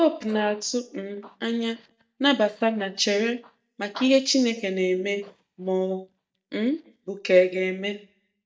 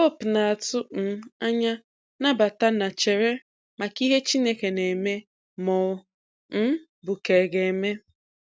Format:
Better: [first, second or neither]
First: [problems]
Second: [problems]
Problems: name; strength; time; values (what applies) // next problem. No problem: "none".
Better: second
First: noise reduction (neural mask model DeepFilterNet 3)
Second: none